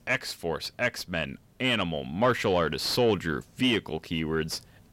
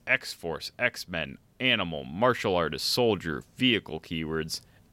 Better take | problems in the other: second | distortion; slight; 10 dB below the speech

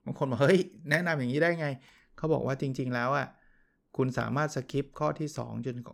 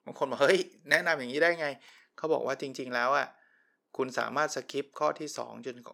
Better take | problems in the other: first | thin; somewhat; fading below 450 Hz

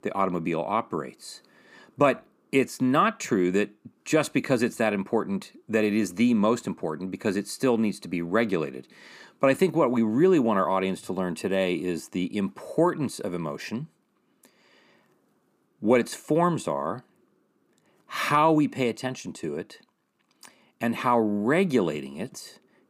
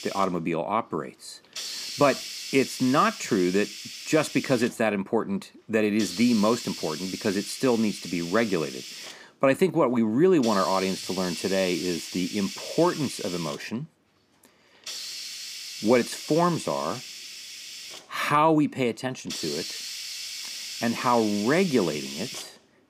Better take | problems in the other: first | hiss; loud; throughout; 9 dB below the speech

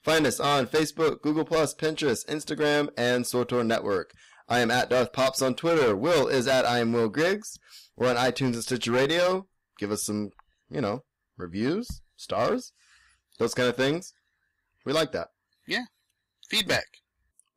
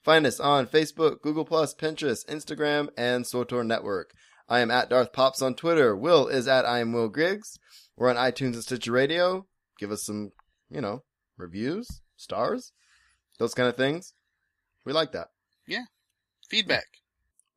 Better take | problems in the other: second | distortion; heavy; 9% of the sound clipped

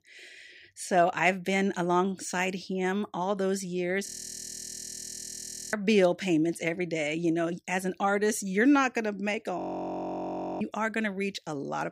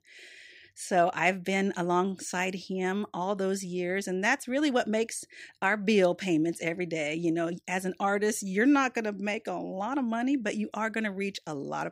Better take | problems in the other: second | audio freezing; at 4 s for 1.5 s and at 9.5 s for 1 s

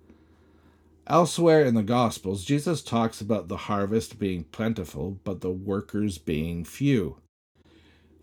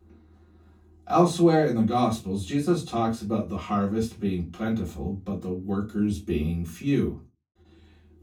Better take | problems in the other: first | off-mic speech; far // room echo; very slight; dies away in 0.2 s

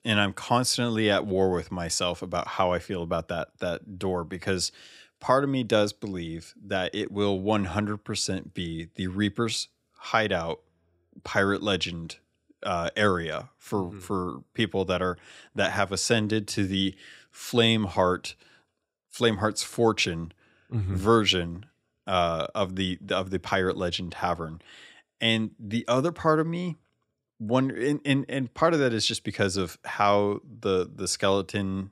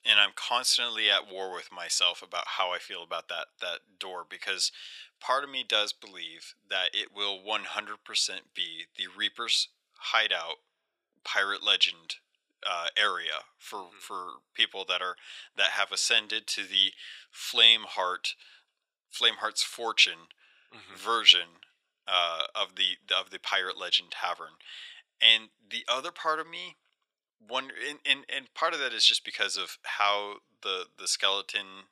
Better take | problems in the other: first | thin; very; fading below 850 Hz

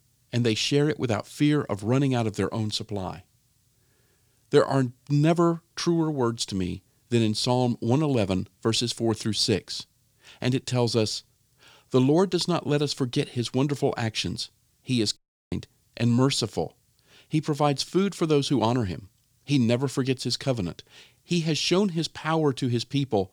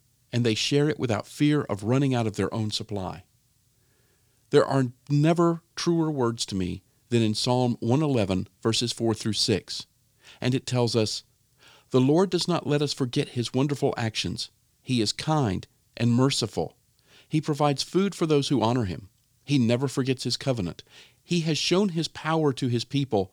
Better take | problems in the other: second | audio cutting out; at 15 s

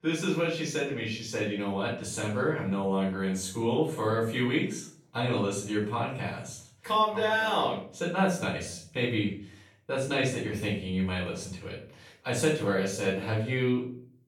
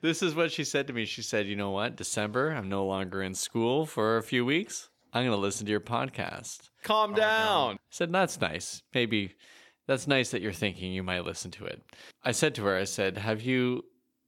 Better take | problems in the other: second | off-mic speech; far // room echo; noticeable; dies away in 0.5 s

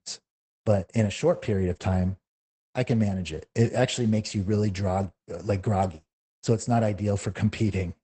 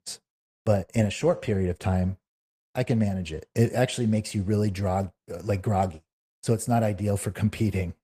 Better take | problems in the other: second | garbled, watery; badly; nothing above 8 kHz; slightly in the second

